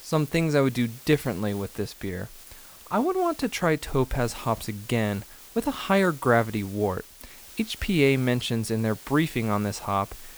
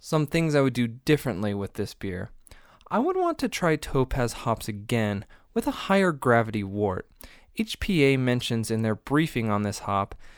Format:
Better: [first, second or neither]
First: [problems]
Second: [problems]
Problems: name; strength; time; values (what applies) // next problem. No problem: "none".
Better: second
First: hiss; noticeable; throughout; 20 dB below the speech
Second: none